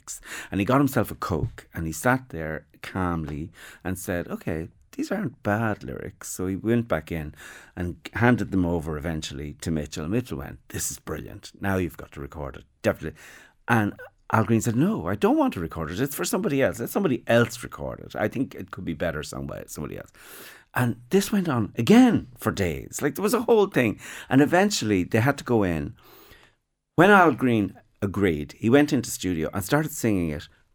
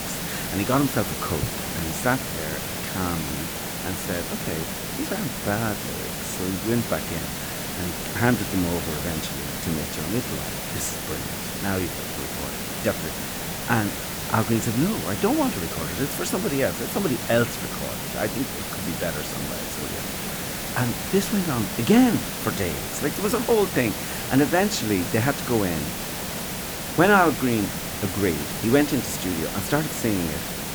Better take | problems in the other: first | hiss; loud; throughout; 3 dB below the speech

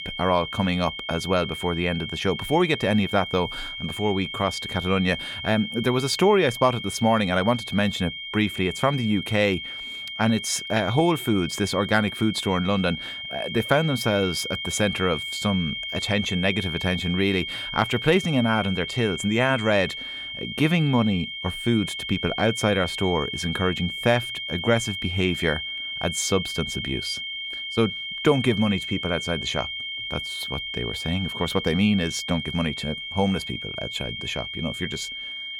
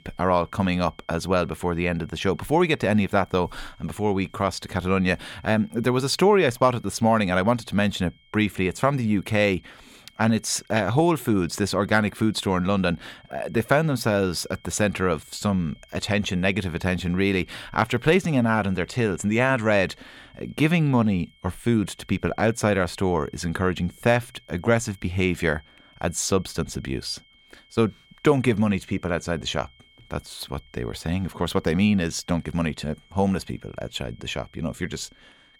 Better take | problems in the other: second | high-pitched whine; loud; throughout; 3 kHz, 6 dB below the speech; faint in the second

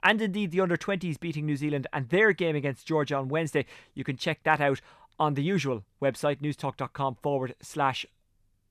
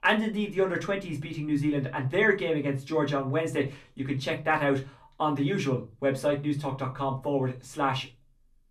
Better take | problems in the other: first | off-mic speech; far // room echo; very slight; dies away in 0.2 s

